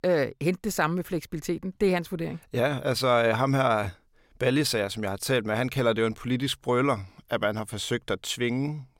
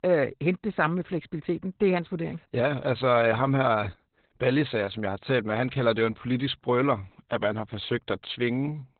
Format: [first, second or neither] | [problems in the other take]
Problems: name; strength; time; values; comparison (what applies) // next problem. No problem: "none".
first | garbled, watery; badly; nothing above 4 kHz